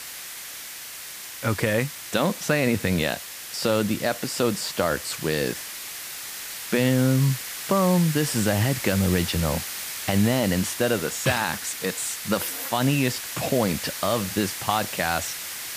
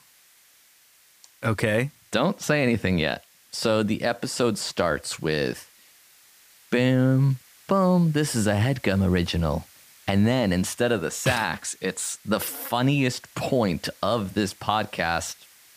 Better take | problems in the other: second | hiss; loud; throughout; 7 dB below the speech; faint in the second

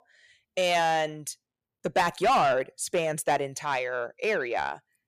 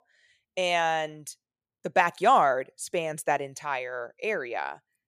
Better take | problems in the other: second | distortion; heavy; 8 dB below the speech

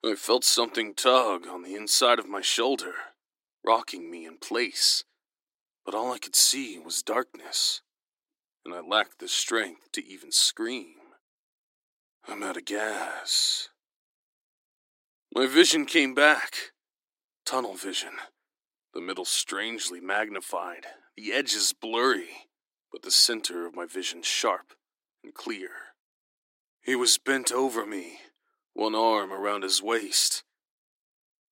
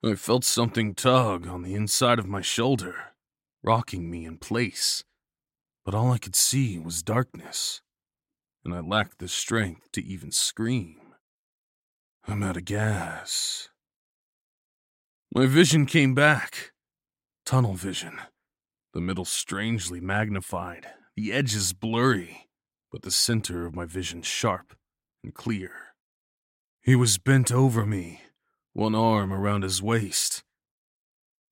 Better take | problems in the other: second | thin; somewhat; fading below 300 Hz

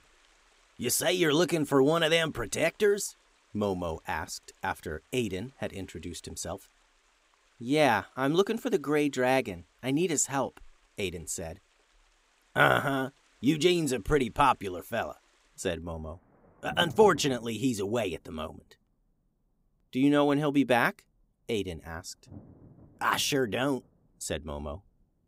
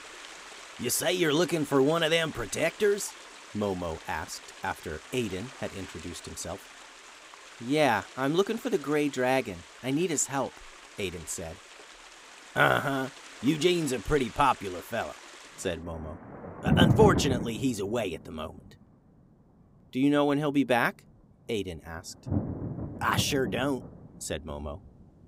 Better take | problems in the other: first | rain or running water; loud; throughout; 8 dB below the speech; faint in the first

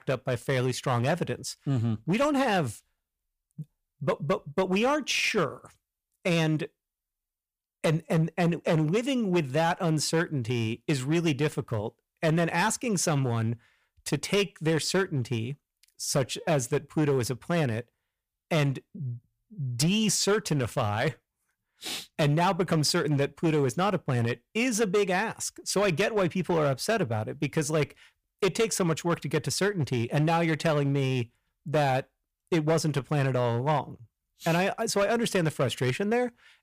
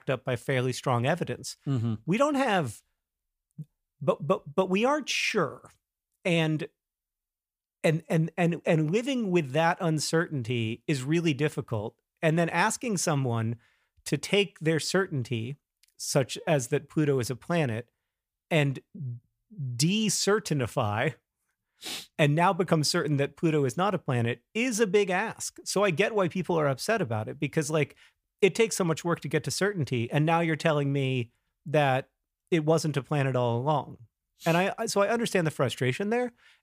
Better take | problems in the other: second | distortion; slight; 7% of the sound clipped

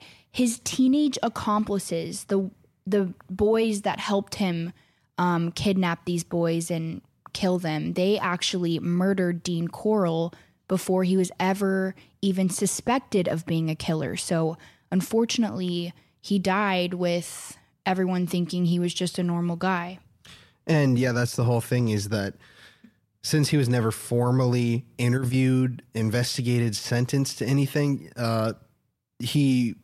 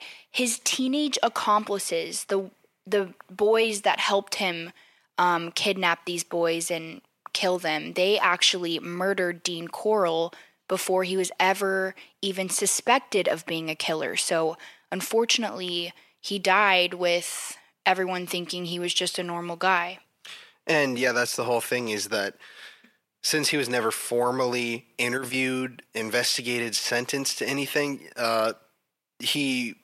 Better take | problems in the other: first | thin; somewhat; fading below 450 Hz

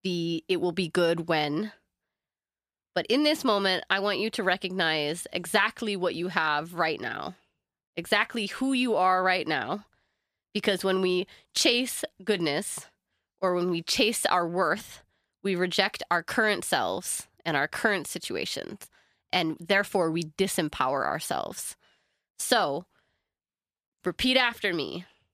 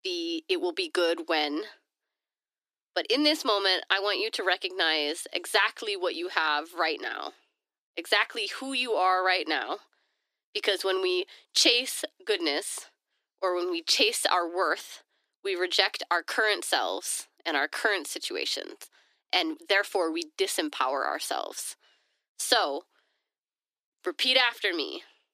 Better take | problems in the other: first | thin; somewhat; fading below 300 Hz

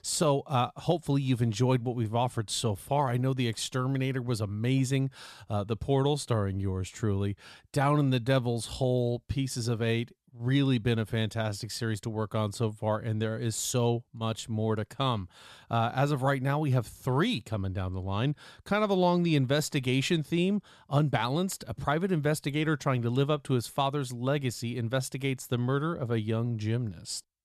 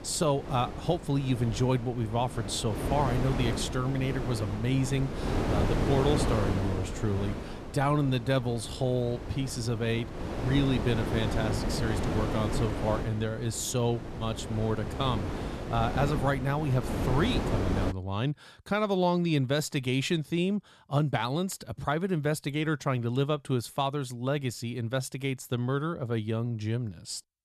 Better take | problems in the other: first | wind noise on the microphone; heavy; until 18 s; 5 dB below the speech

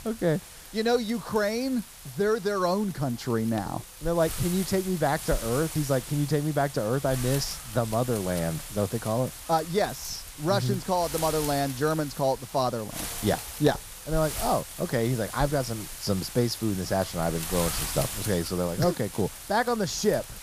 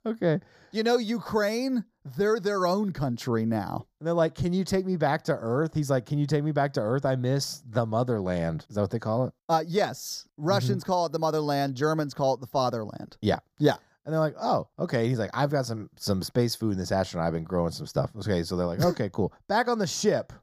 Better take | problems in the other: second | wind noise on the microphone; occasional gusts; 10 dB below the speech

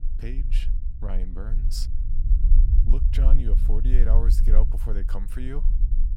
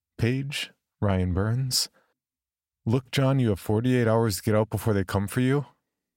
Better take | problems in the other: second | low rumble; loud; throughout; 6 dB below the speech

